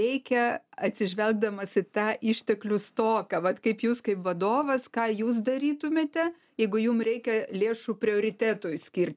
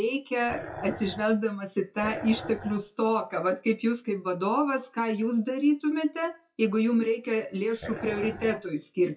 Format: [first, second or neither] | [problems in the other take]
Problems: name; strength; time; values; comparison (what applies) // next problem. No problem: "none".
first | noise reduction (classical method WPE with log-MMSE)